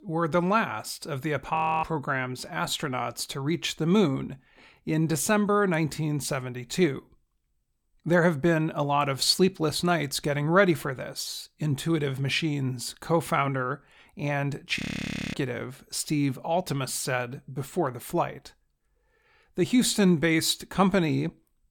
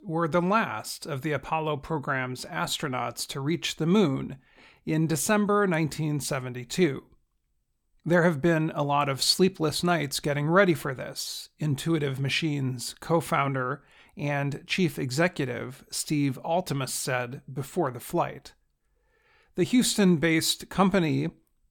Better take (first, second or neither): second